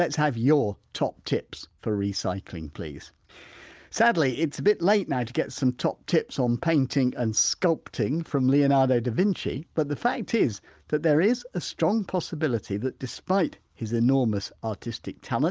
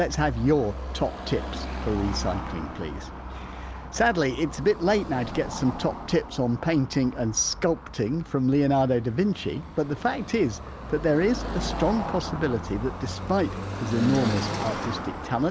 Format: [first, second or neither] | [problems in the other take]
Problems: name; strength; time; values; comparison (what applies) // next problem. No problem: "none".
first | background sound (Car passing by / Traffic noise, roadway noise); 8 dB below the speech